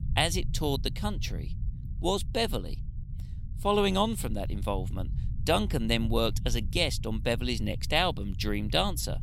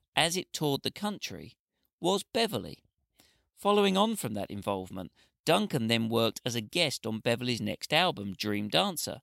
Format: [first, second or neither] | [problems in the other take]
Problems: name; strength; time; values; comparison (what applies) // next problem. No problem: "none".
second | low rumble; faint; throughout; 20 dB below the speech